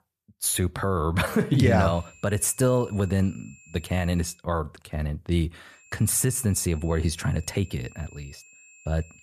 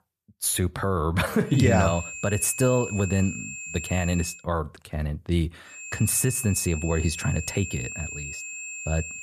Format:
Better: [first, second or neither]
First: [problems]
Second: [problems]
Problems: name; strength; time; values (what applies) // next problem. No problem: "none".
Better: first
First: high-pitched whine; faint; from 1.5 to 4.5 s and from 5.5 s on; 2.5 kHz, 25 dB below the speech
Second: high-pitched whine; loud; from 1.5 to 4.5 s and from 5.5 s on; 2.5 kHz, 9 dB below the speech